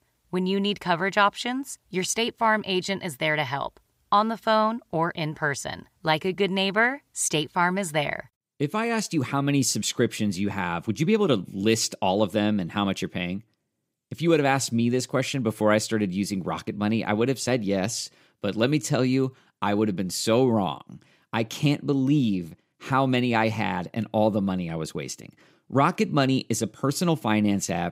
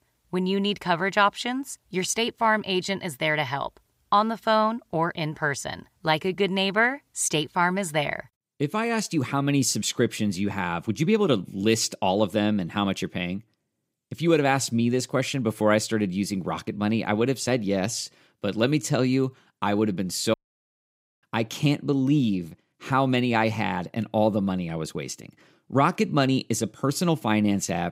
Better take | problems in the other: first | audio cutting out; at 20 s for 1 s

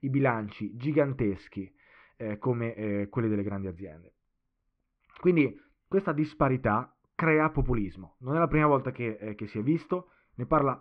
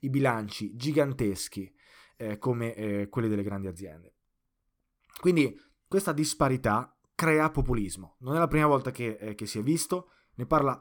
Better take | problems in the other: second | muffled; very; fading above 2.5 kHz

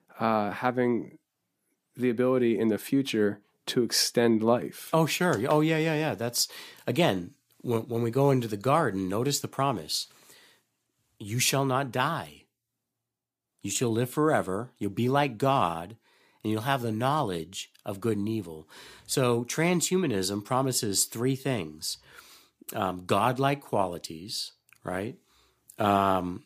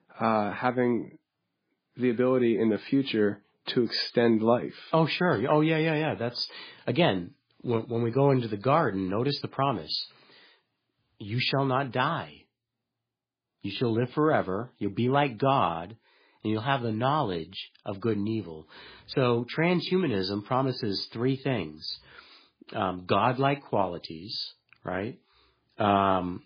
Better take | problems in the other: first | garbled, watery; badly; nothing above 5 kHz

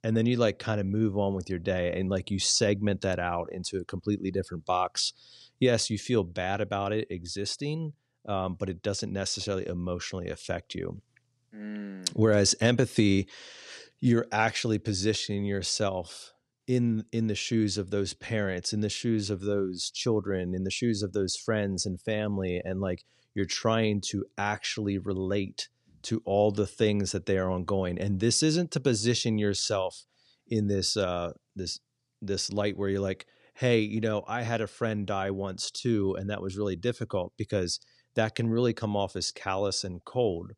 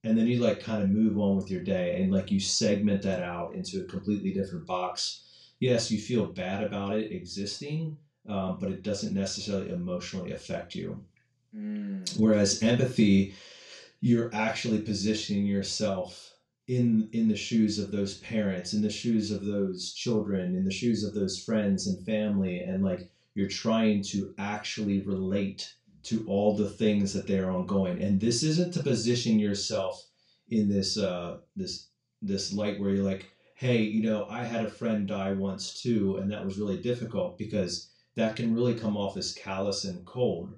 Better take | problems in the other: first | room echo; slight; dies away in 0.3 s // off-mic speech; far

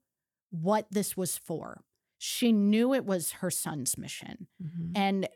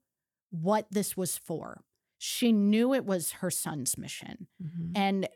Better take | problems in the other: neither | none

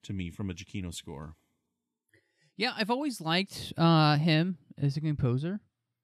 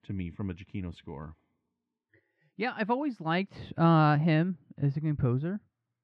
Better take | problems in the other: first | muffled; very; fading above 1.5 kHz

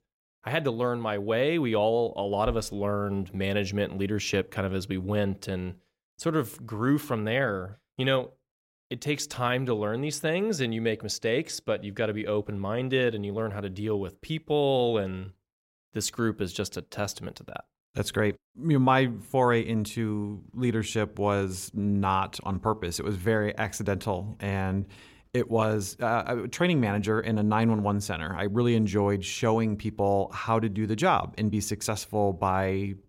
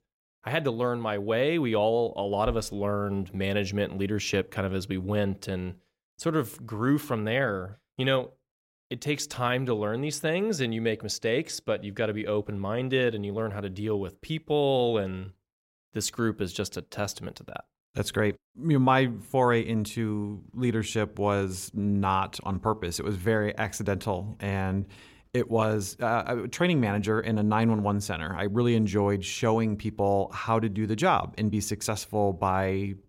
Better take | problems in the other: neither | none

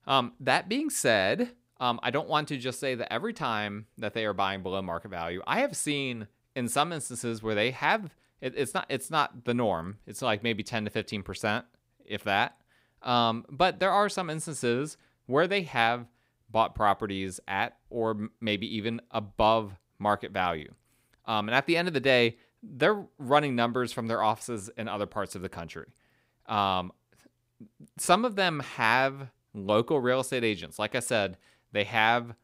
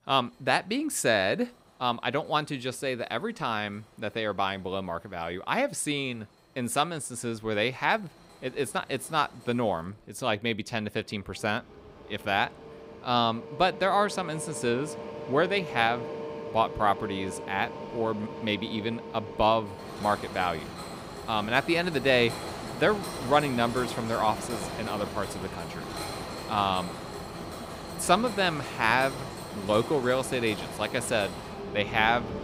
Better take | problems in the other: first | machinery noise; loud; throughout; 10 dB below the speech

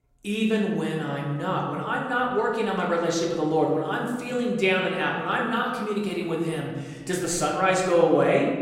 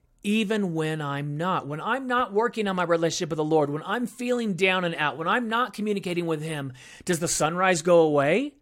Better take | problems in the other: second | room echo; noticeable; dies away in 1.2 s // off-mic speech; somewhat distant

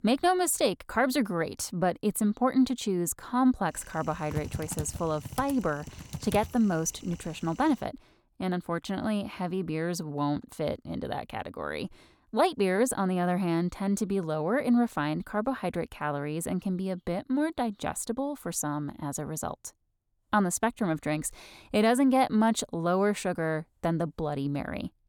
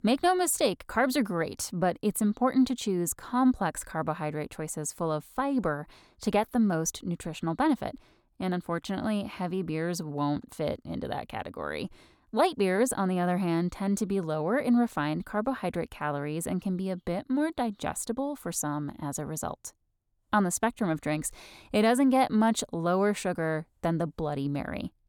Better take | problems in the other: second | keyboard typing; noticeable; from 4 to 7 s; peak 8 dB below the speech

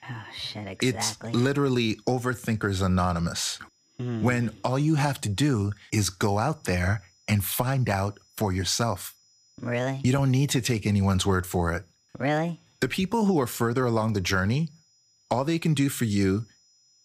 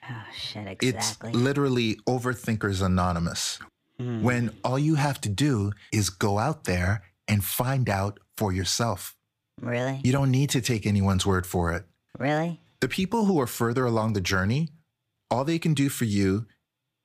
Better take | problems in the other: second | high-pitched whine; faint; throughout; 5 kHz, 35 dB below the speech

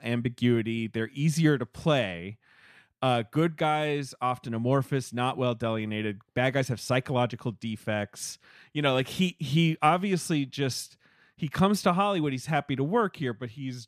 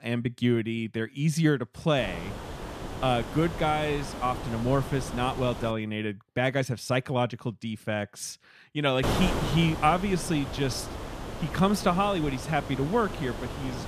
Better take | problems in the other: first | wind noise on the microphone; heavy; from 2 to 5.5 s and from 9 s on; 8 dB below the speech

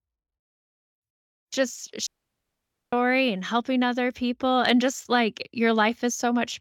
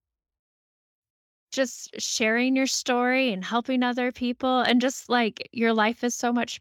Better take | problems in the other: second | audio cutting out; at 2 s for 1 s

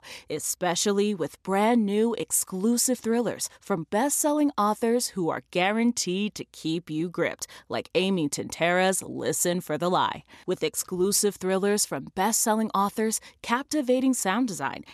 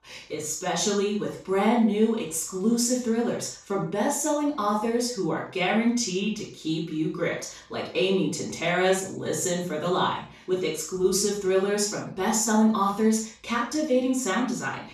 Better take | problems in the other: first | room echo; noticeable; dies away in 0.4 s // off-mic speech; far

